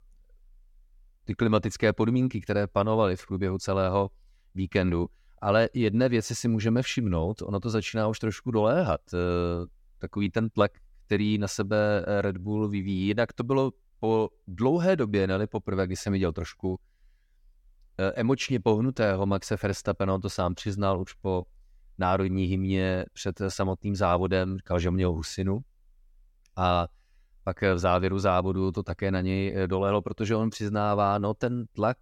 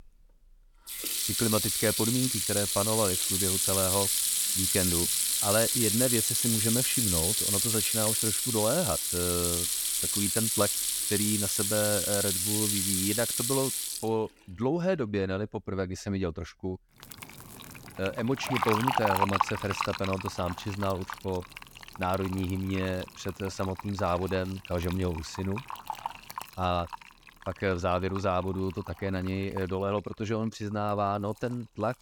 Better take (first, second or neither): first